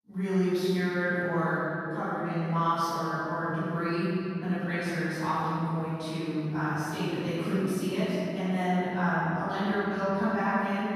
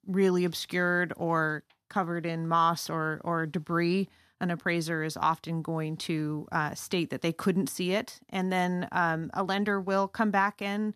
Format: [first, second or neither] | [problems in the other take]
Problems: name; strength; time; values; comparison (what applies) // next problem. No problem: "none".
second | room echo; strong; dies away in 3 s // off-mic speech; far